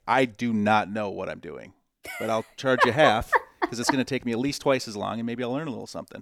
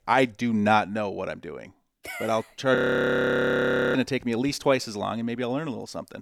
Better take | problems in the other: first | audio freezing; at 3 s for 1 s

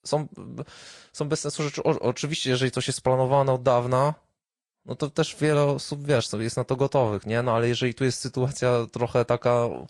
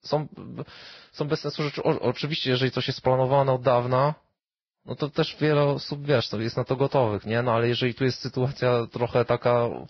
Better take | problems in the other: first | garbled, watery; badly; nothing above 5.5 kHz; slightly in the first

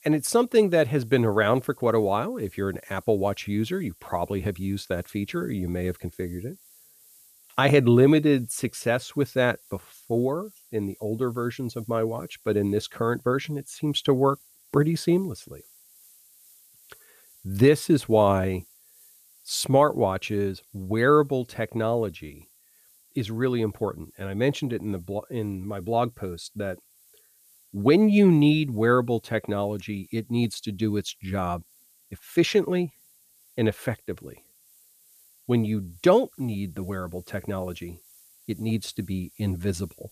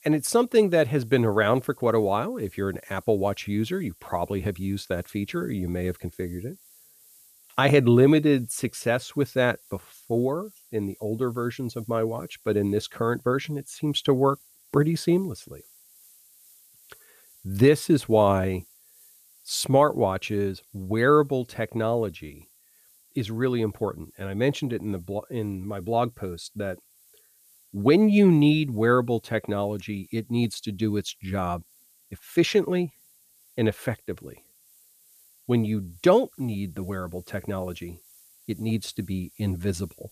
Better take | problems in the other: neither | hiss; faint; throughout; 30 dB below the speech; the same in both

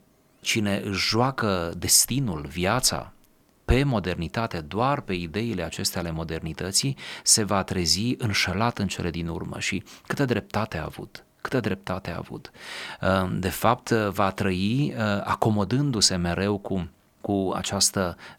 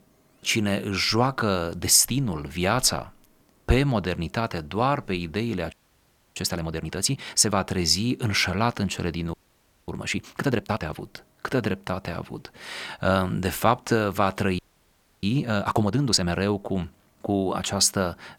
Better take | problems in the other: first | audio freezing; at 5.5 s for 0.5 s, at 9.5 s for 0.5 s and at 15 s for 0.5 s

